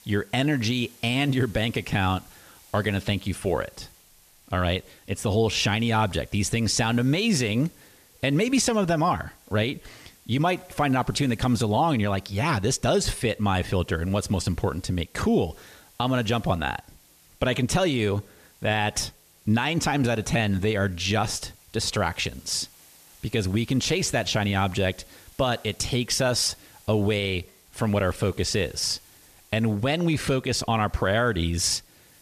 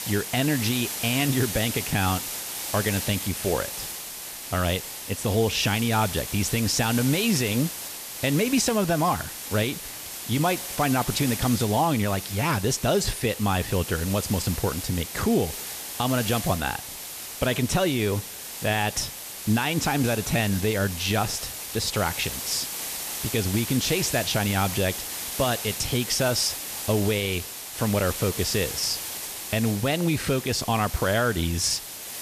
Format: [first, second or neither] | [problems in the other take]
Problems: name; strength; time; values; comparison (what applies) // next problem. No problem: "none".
first | hiss; loud; throughout; 6 dB below the speech; faint in the first